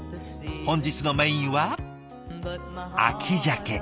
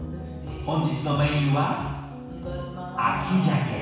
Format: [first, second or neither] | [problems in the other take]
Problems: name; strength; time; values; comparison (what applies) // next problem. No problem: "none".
first | room echo; dies away in 1.1 s